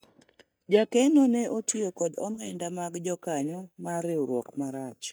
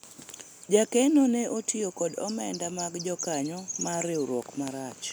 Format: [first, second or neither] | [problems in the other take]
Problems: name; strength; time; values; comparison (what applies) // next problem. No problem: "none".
second | noise reduction (neural mask model DeepFilterNet 3)